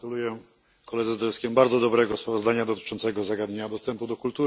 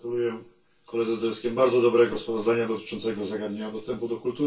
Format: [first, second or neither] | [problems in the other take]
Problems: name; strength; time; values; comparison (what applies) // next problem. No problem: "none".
first | room echo; dies away in 0.2 s